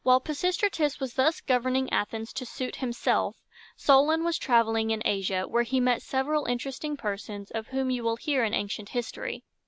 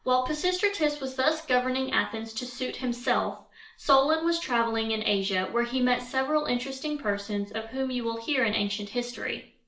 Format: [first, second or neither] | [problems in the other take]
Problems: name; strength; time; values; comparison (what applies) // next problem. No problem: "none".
first | room echo; dies away in 0.4 s